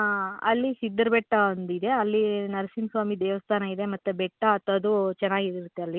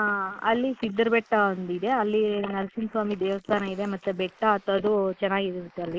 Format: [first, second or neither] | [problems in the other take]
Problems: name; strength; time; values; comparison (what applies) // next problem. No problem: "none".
first | noise reduction (neural mask model Resemble Enhance denoiser)